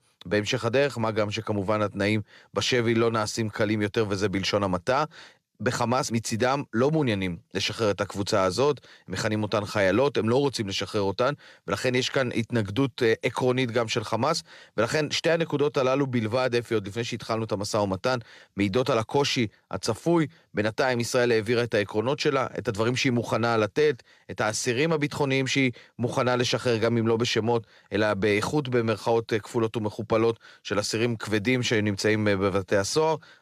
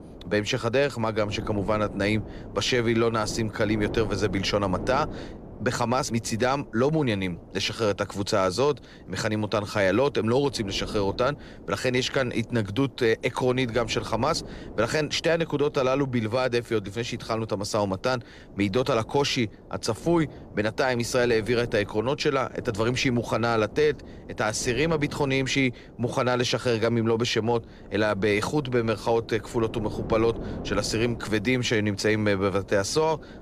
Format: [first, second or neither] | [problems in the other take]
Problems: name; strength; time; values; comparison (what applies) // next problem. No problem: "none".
first | wind noise on the microphone; occasional gusts; 20 dB below the speech